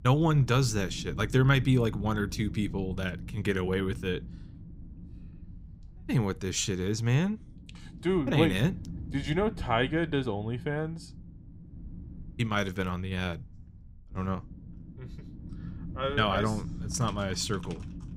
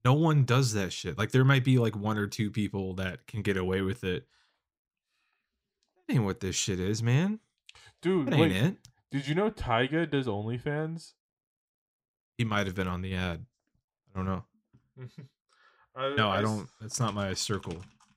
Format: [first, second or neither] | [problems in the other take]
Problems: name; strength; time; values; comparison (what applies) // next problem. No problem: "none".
second | wind noise on the microphone; occasional gusts; 20 dB below the speech